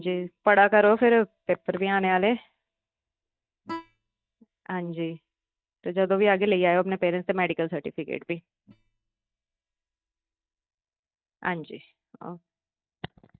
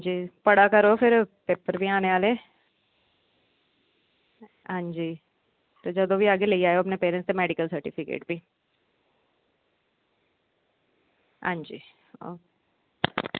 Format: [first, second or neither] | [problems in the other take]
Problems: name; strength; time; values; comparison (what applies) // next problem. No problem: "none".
second | noise reduction (neural mask model DeepFilterNet 3)